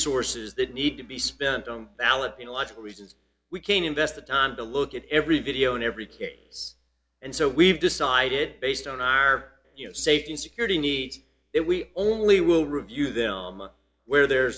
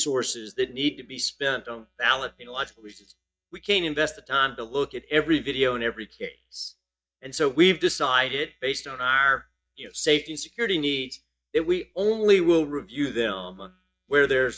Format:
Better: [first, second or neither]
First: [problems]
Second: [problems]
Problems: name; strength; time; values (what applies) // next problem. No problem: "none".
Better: first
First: none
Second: noise reduction (neural mask model DeepFilterNet 3)